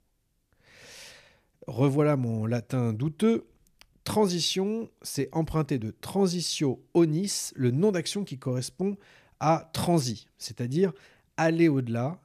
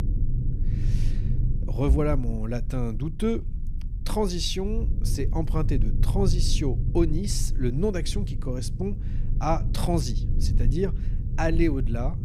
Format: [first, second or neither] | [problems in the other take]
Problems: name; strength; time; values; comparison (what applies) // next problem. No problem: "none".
first | low rumble; noticeable; throughout; 15 dB below the speech